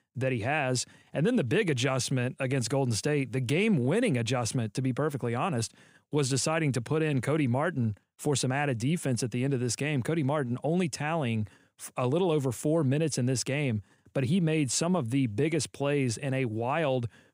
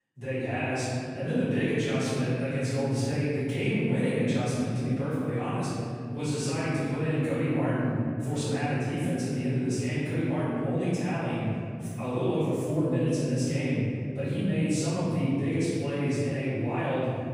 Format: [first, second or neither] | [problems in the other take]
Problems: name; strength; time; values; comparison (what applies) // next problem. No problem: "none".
first | off-mic speech; far // room echo; strong; dies away in 3 s